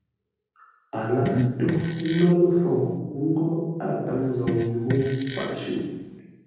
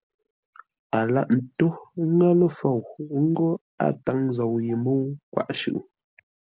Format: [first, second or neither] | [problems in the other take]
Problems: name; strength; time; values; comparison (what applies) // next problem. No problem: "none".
second | background sound (Fart); 11 dB below the speech // room echo; dies away in 1.3 s